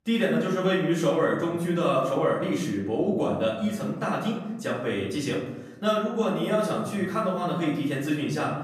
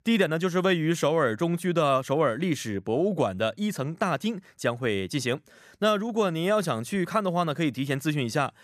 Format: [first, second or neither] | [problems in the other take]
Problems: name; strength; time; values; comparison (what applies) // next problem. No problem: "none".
second | off-mic speech; far // room echo; noticeable; dies away in 0.9 s